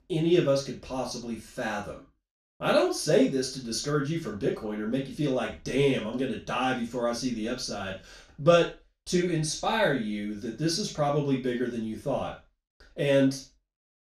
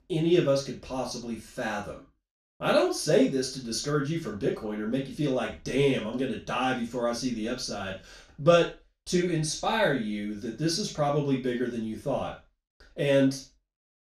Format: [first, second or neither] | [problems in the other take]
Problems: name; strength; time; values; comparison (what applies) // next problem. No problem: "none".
neither | room echo; noticeable; dies away in 0.3 s; the same in both // off-mic speech; far; the same in both